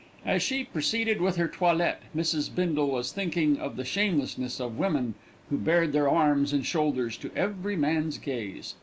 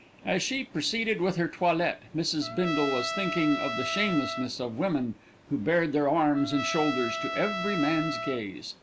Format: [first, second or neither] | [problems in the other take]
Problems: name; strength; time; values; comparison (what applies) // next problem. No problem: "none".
first | background sound (Trumpet); 7 dB below the speech